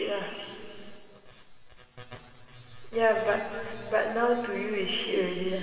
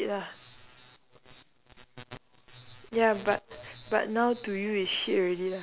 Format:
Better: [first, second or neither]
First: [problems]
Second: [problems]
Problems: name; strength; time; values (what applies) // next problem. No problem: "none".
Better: second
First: room echo; dies away in 2.9 s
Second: none